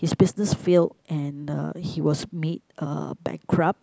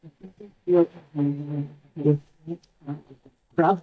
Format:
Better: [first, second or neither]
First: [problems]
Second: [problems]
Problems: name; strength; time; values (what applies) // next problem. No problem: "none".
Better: first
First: none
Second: noise reduction (neural mask model DeepFilterNet 3)